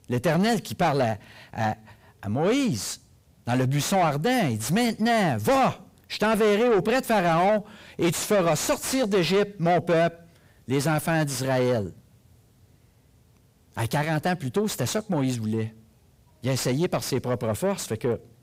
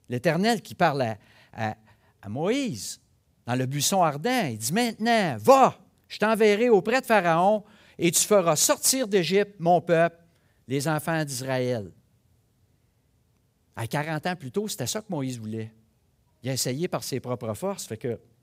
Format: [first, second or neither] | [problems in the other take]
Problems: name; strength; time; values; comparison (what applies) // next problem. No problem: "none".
second | distortion; heavy; 6 dB below the speech